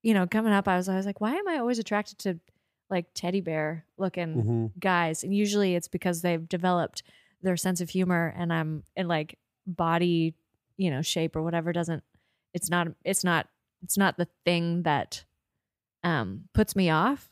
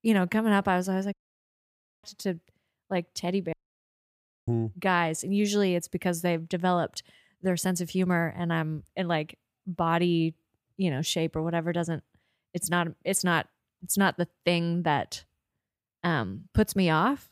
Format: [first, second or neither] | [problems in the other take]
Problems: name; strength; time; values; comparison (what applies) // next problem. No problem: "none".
first | audio cutting out; at 1 s for 1 s and at 3.5 s for 1 s